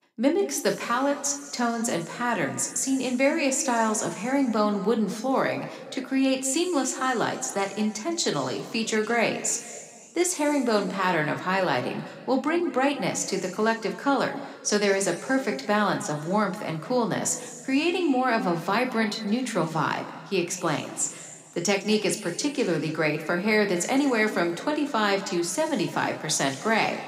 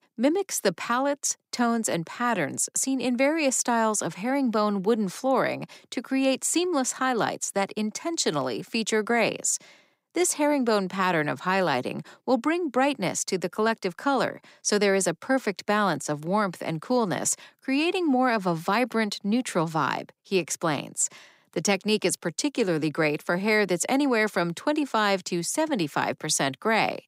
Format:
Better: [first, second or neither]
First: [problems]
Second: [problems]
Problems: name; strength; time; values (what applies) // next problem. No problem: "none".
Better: second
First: room echo; slight; dies away in 1.8 s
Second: none